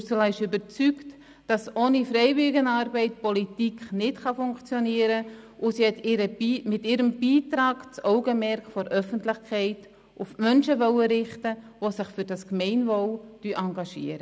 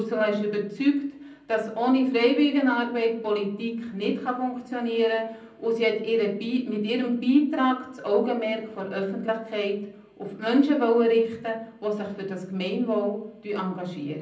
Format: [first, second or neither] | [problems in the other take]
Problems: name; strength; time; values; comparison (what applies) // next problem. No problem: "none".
first | room echo; dies away in 0.6 s